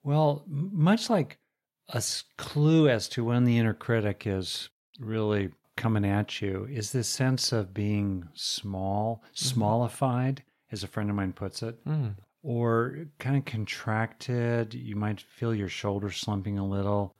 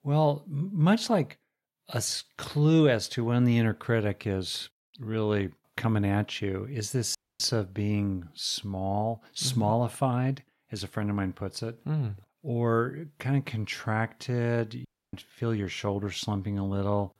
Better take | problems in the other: first | audio cutting out; at 7 s and at 15 s

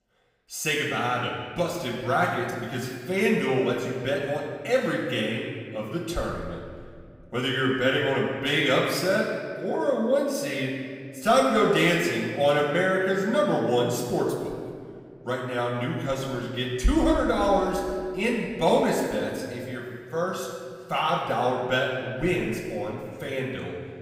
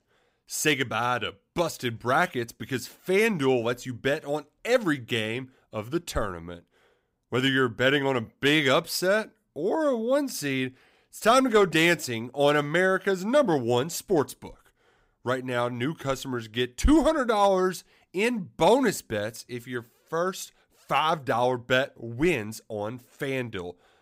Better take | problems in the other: second | off-mic speech; far // room echo; noticeable; dies away in 1.7 s

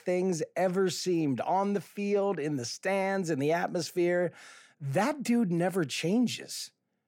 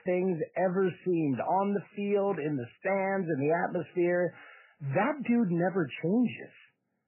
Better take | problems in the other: first | garbled, watery; badly; nothing above 3 kHz

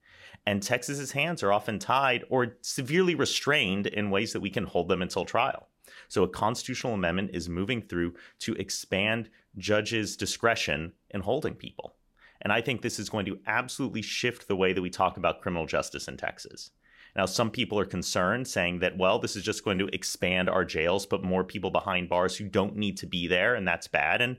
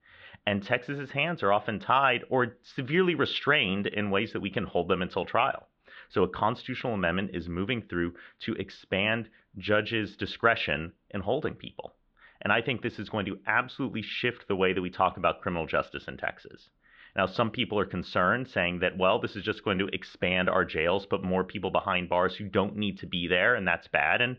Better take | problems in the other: first | muffled; very; fading above 3.5 kHz

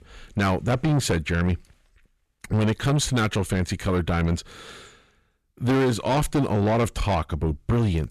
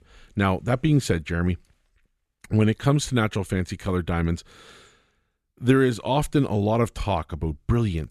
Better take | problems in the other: second | distortion; heavy; 7 dB below the speech

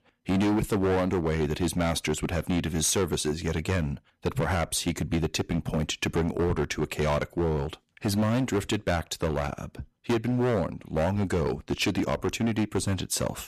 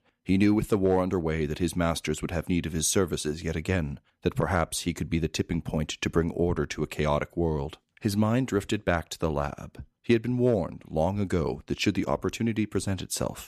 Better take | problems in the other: second | distortion; heavy; 14% of the sound clipped

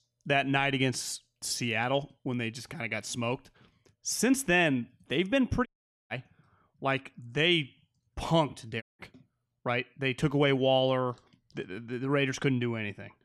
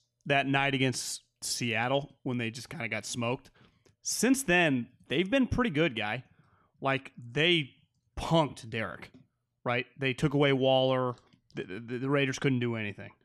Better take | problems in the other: second | audio cutting out; at 5.5 s and at 9 s

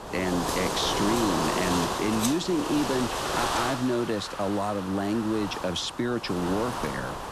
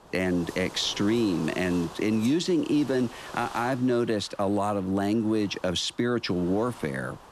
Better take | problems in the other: second | wind noise on the microphone; heavy; 1 dB above the speech; occasional gusts in the second

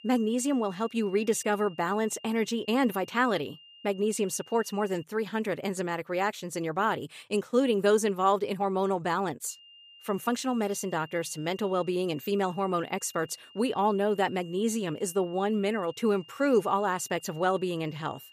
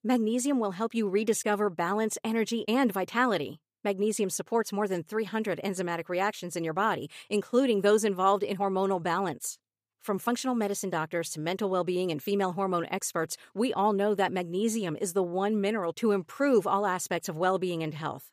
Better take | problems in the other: second | high-pitched whine; faint; until 5 s and from 9.5 s on; 3 kHz, 20 dB below the speech

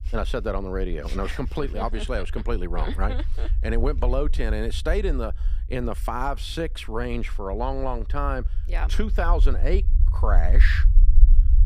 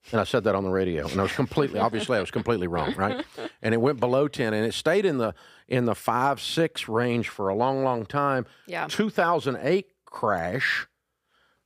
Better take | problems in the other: second | low rumble; noticeable; throughout; 20 dB below the speech

